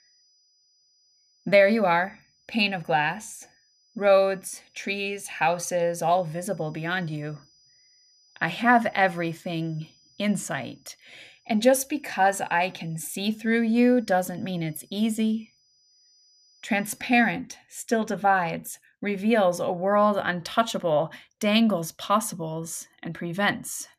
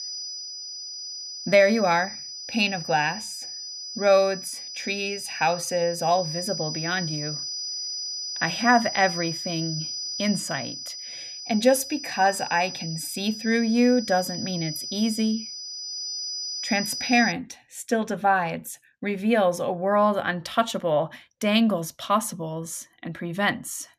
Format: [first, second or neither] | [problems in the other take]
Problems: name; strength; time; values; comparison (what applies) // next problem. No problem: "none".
first | high-pitched whine; loud; until 17 s; 5 kHz, 7 dB below the speech; faint in the first